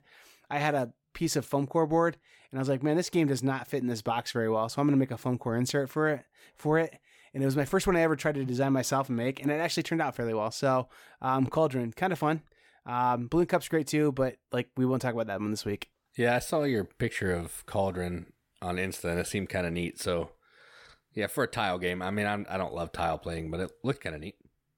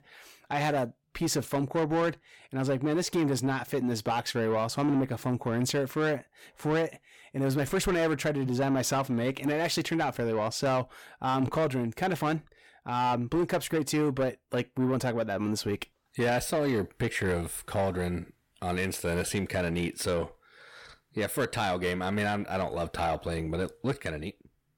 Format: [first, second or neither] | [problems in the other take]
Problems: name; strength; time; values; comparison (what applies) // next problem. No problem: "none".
first | distortion; slight; 10 dB below the speech